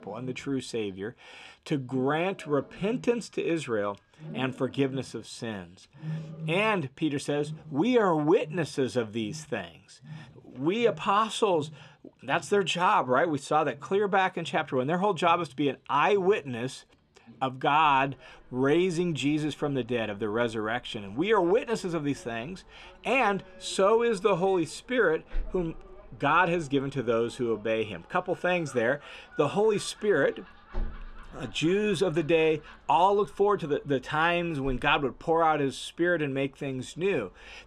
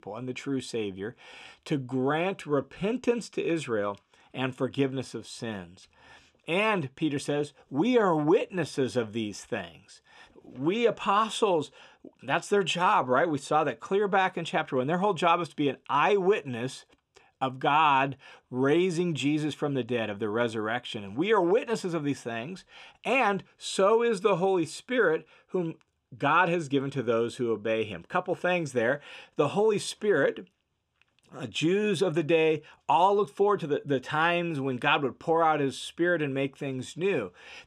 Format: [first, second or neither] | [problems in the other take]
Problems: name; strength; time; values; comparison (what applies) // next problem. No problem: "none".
second | animal sounds; faint; throughout; 20 dB below the speech